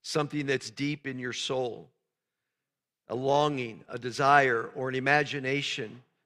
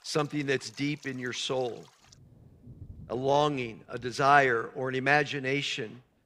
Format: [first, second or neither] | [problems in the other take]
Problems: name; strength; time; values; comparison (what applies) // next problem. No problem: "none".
first | rain or running water; faint; throughout; 25 dB below the speech